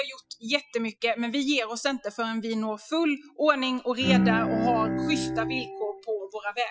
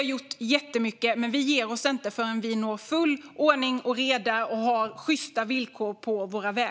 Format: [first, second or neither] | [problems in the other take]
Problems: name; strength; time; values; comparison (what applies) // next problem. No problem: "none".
second | noise reduction (classical method Wiener filter)